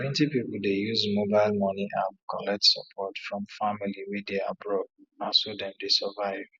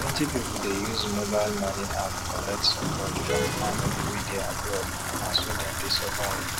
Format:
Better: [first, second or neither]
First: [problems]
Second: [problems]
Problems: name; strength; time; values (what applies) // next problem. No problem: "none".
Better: first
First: none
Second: background sound (Vehicle horn, car horn, honking + Bathtub (filling or washing) / Water tap, faucet); 1 dB above the speech